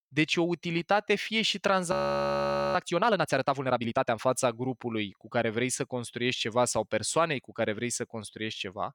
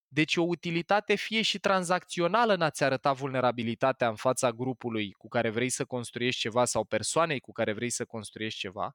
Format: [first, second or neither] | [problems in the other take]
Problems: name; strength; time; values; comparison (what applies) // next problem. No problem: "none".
second | audio freezing; at 2 s for 1 s